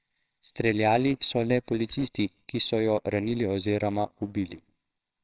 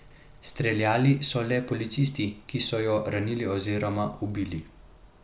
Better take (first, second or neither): second